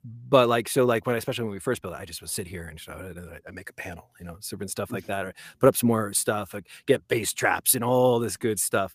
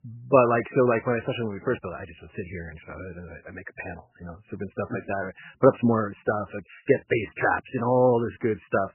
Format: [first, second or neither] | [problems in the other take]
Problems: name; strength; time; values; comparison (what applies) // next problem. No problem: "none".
first | garbled, watery; badly; nothing above 3 kHz